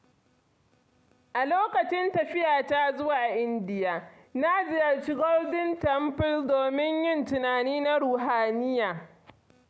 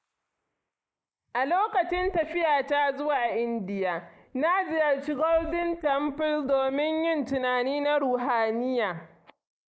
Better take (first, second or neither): first